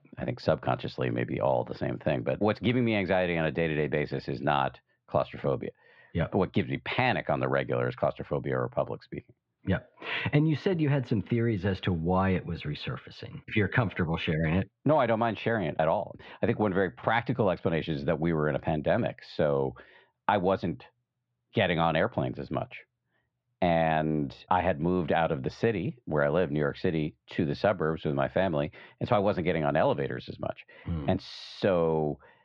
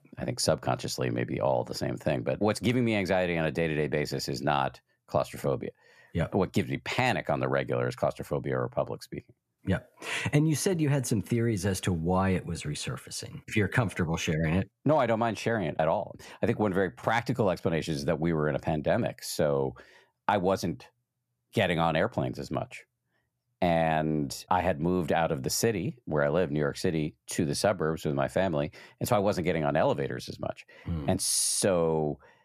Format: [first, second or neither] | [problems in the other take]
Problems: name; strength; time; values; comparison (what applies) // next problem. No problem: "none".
second | muffled; very; fading above 3.5 kHz